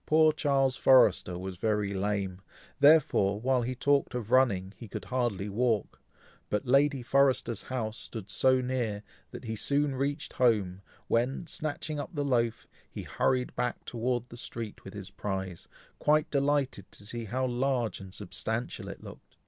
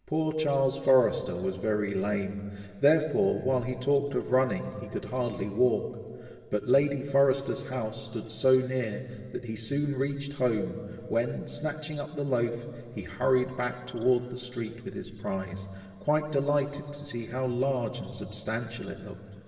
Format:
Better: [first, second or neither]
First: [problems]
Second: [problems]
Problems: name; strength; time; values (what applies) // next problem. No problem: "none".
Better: first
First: none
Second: room echo; dies away in 2.4 s